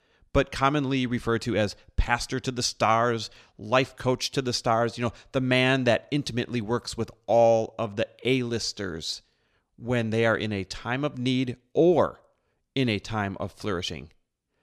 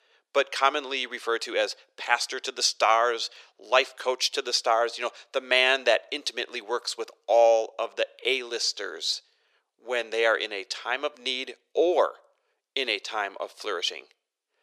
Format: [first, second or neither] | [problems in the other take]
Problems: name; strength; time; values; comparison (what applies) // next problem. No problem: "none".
first | thin; very; fading below 400 Hz